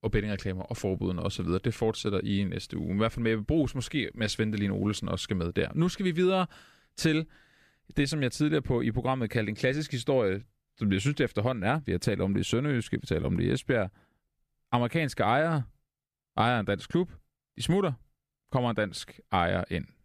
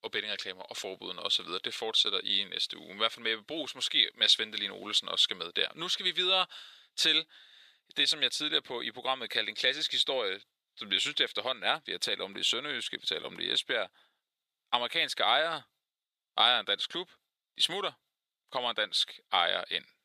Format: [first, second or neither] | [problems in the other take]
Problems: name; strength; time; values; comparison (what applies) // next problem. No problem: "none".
first | thin; very; fading below 650 Hz